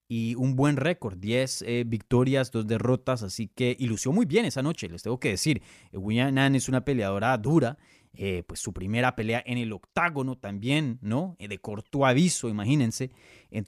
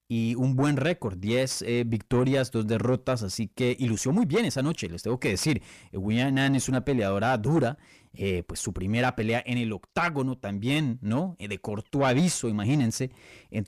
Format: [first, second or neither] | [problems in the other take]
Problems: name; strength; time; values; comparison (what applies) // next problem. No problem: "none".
first | distortion; slight; 10 dB below the speech